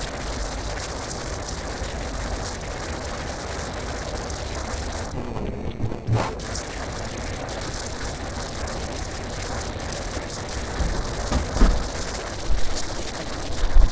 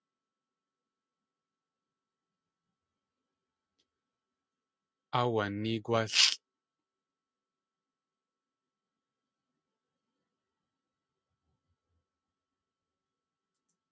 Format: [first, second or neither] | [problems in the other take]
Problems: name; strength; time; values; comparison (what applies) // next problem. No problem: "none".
second | noise reduction (neural separator model SepFormer DNS4)